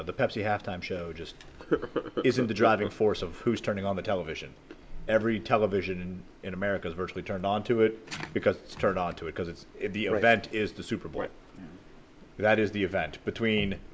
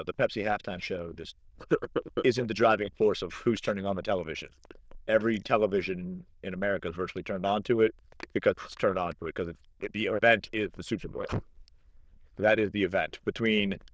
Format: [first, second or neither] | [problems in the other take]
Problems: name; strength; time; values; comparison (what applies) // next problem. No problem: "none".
first | noise reduction (neural diffusion model UNIVERSE++)